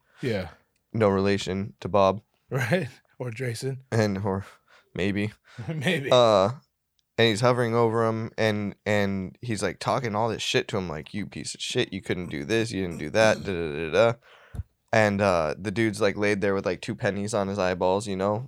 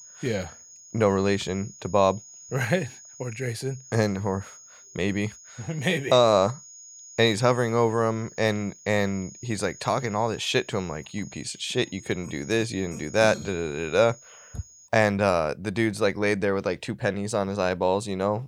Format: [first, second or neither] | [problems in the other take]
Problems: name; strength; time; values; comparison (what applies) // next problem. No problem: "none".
first | high-pitched whine; noticeable; until 15 s; 6.5 kHz, 20 dB below the speech